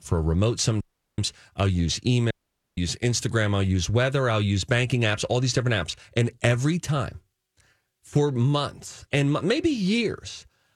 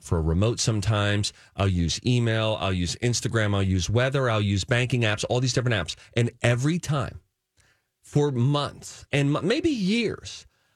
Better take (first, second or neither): second